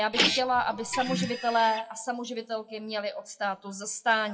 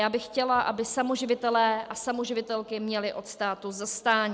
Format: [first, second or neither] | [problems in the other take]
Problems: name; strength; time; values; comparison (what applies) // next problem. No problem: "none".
second | noise reduction (classical method WPE with log-MMSE)